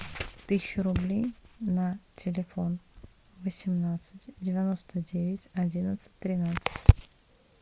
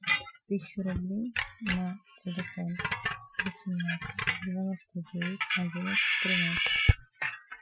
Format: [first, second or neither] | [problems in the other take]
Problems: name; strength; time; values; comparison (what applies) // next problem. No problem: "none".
first | noise reduction (classical method Wiener filter)